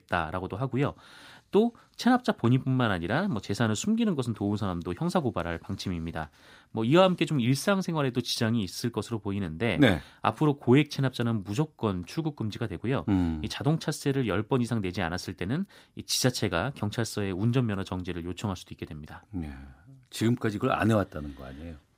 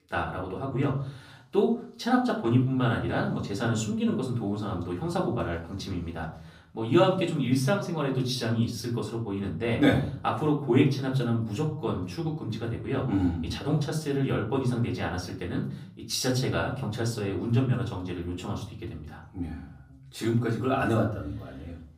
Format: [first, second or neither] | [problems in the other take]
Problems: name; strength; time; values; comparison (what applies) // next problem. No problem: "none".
first | off-mic speech; far // room echo; slight; dies away in 0.5 s